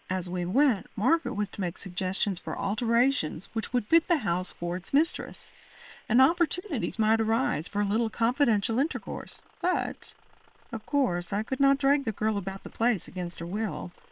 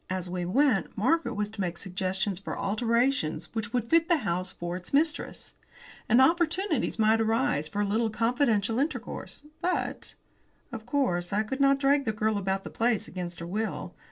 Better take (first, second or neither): second